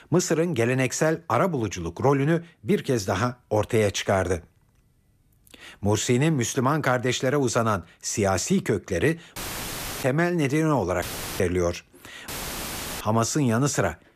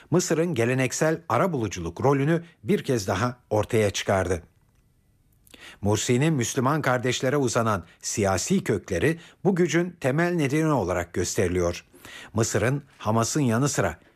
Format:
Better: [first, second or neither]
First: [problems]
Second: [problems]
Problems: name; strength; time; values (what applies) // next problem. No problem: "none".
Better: second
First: audio cutting out; filled with static; at 9.5 s for 0.5 s, at 11 s and at 12 s for 0.5 s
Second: none